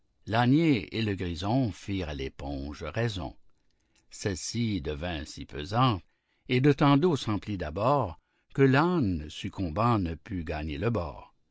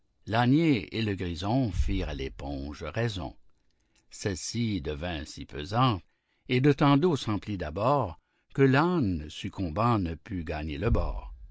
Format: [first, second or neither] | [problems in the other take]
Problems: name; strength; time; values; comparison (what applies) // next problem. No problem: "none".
first | background sound (Bass drum); 12 dB below the speech